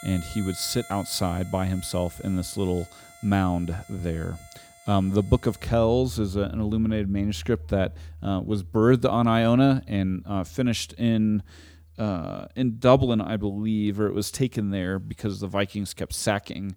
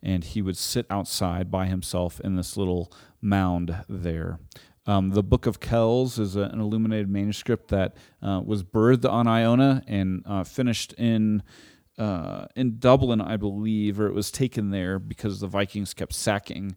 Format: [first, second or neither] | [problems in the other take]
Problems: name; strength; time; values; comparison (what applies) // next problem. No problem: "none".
second | background music; noticeable; throughout; 20 dB below the speech